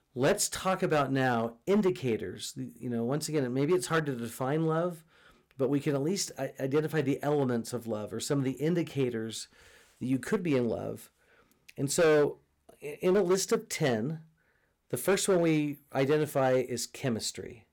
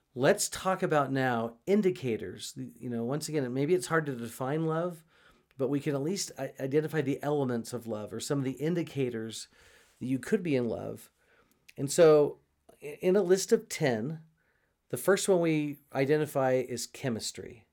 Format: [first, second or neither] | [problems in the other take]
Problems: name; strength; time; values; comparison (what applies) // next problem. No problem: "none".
second | distortion; slight; 4% of the sound clipped